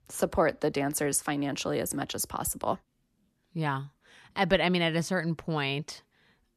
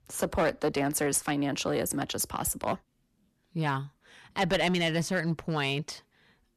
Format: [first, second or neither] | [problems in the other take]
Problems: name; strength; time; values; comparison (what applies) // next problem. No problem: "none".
first | distortion; slight; 5% of the sound clipped